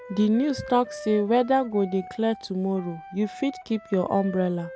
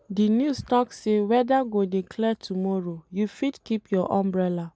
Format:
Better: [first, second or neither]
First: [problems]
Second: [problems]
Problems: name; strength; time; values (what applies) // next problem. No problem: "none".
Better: second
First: background sound (Wind instrument, woodwind instrument); 16 dB below the speech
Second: none